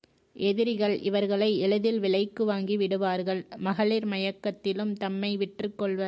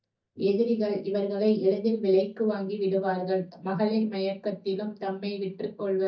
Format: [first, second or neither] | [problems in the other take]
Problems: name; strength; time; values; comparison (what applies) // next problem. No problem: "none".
first | noise reduction (neural mask model DeepFilterNet 3)